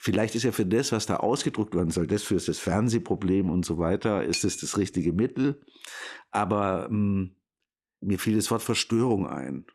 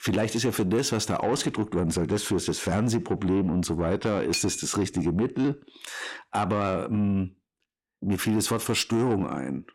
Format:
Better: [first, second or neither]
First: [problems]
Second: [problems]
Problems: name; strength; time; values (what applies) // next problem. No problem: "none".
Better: first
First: none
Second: distortion; slight; 10 dB below the speech